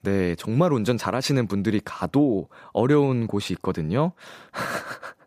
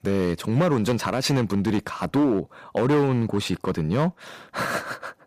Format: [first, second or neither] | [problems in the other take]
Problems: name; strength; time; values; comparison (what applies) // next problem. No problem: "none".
first | distortion; slight; 8% of the sound clipped